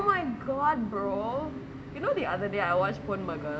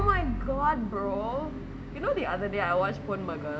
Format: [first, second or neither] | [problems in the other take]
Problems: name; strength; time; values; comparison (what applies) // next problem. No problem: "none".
first | background sound (Bowed string instrument); 7 dB below the speech